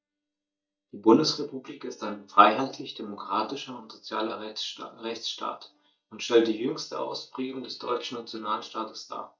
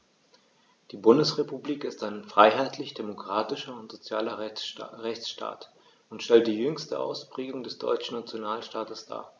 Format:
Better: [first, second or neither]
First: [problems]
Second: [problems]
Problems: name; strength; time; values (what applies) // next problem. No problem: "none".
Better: second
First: noise reduction (neural mask model DeepFilterNet 3)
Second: none